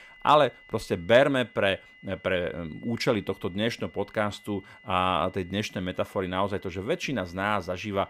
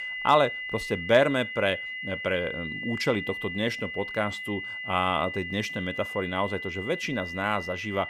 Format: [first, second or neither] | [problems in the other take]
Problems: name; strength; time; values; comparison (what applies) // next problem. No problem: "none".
first | high-pitched whine; loud; throughout; 2 kHz, 6 dB below the speech; faint in the first